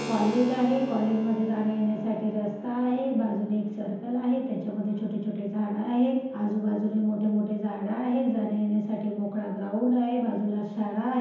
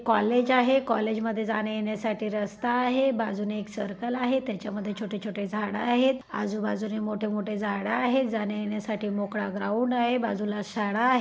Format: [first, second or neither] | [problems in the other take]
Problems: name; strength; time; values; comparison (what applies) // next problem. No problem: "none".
second | background sound (Keyboard (musical)); 18 dB below the speech // room echo; dies away in 1 s